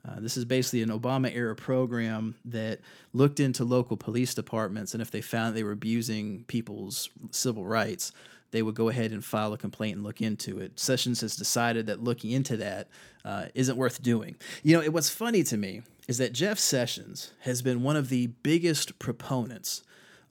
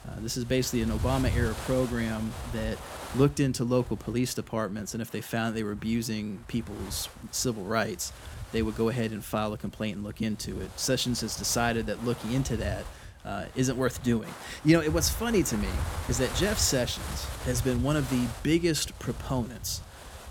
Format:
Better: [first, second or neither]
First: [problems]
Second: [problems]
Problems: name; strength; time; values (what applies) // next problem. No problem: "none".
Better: first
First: none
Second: wind noise on the microphone; occasional gusts; 10 dB below the speech